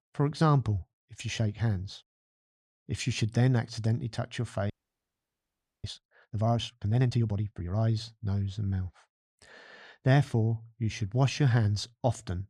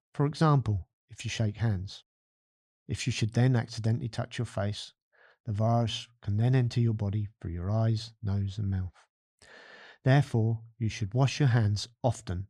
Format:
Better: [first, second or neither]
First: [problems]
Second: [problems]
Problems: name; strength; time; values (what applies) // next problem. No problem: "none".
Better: second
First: audio freezing; at 4.5 s for 1 s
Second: none